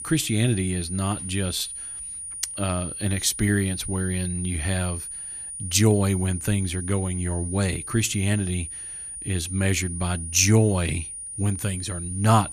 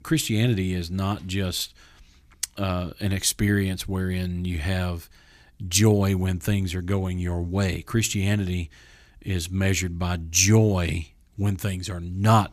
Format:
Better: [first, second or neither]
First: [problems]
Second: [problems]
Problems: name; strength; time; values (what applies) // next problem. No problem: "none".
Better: second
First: high-pitched whine; loud; throughout; 9.5 kHz, 8 dB below the speech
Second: none